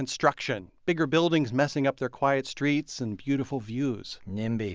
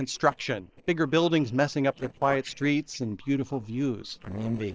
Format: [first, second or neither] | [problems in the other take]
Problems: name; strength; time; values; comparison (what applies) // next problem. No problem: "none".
first | noise reduction (neural separator model SepFormer DNS4)